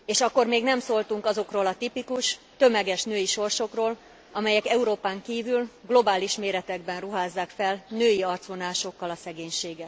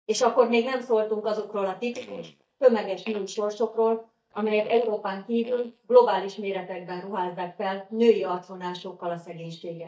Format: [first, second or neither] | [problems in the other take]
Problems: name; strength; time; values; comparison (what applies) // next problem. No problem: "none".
first | noise reduction (neural mask model DeepFilterNet 3)